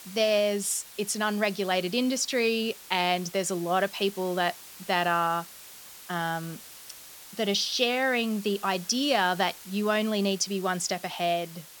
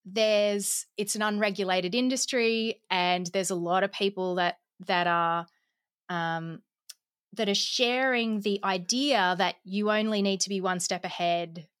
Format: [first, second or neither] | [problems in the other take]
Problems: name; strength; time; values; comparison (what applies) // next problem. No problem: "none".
second | hiss; noticeable; throughout; 15 dB below the speech